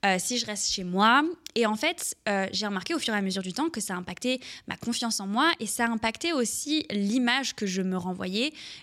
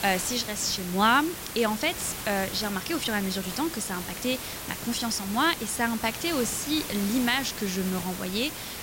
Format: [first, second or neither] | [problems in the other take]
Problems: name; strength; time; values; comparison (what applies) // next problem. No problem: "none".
first | hiss; loud; throughout; 7 dB below the speech